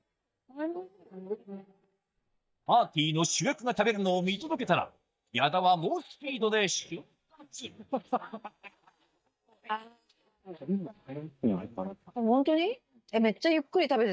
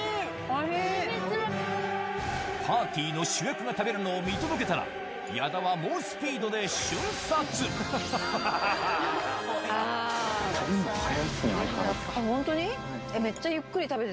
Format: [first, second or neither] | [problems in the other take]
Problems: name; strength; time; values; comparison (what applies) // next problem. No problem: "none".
second | noise reduction (neural mask model DeepFilterNet 3)